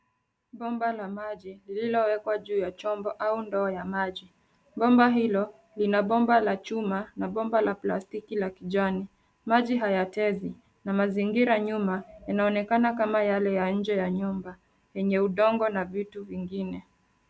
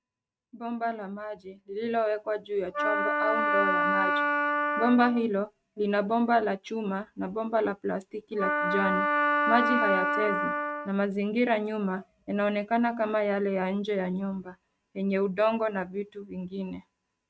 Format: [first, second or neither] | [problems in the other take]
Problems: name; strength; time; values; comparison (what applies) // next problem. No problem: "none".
first | noise reduction (neural mask model RNNoise)